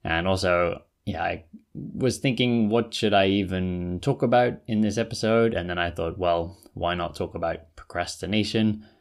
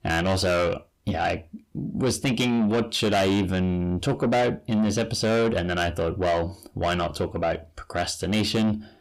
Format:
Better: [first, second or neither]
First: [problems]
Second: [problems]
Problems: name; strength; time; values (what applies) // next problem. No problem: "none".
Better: first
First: none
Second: distortion; heavy; 8 dB below the speech